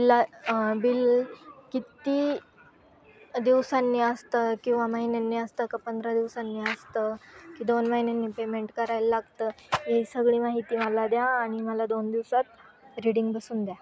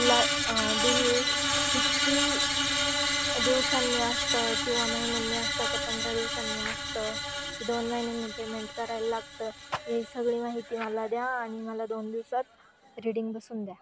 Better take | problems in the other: first | background sound (Screech); 2 dB above the speech

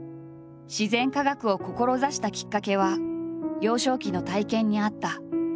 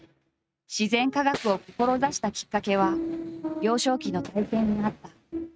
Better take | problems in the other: first | noise reduction (neural mask model RNNoise)

